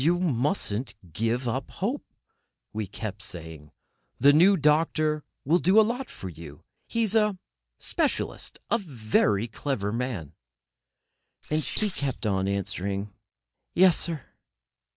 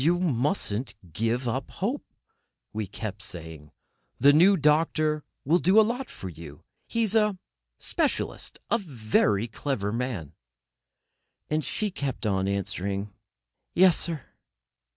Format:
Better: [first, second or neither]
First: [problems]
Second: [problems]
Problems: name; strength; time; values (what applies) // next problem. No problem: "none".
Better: second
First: noise reduction (neural mask model Resemble Enhance denoiser)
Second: none